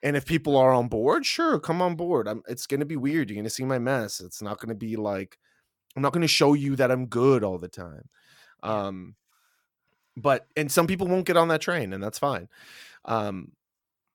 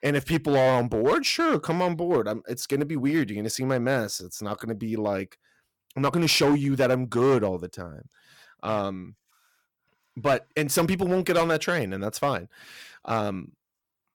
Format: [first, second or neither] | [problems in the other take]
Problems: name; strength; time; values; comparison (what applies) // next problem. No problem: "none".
first | distortion; slight; 5% of the sound clipped